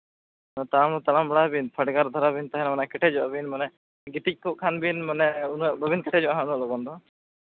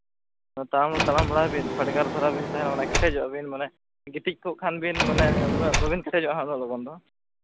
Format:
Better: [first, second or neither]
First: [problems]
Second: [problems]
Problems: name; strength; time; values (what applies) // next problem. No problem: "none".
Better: first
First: none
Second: background sound (Sliding door); 2 dB below the speech